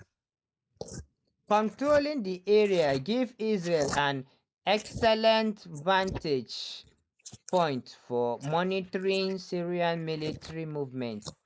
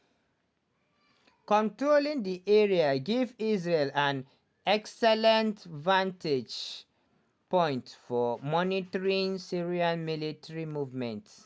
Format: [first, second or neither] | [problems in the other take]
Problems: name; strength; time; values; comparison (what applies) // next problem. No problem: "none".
second | noise reduction (neural mask model Resemble Enhance denoiser)